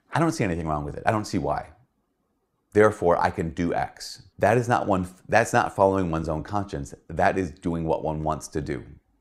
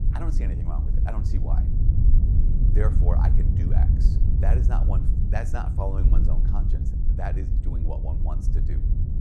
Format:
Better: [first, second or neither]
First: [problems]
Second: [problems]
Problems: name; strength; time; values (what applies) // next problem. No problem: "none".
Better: first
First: none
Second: wind noise on the microphone; heavy; 2 dB below the speech